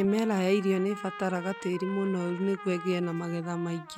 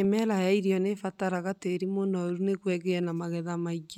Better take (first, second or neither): second